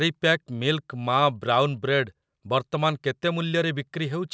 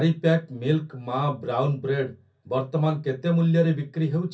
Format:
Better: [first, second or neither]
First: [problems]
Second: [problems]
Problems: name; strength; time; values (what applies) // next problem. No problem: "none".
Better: first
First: none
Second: room echo; dies away in 0.3 s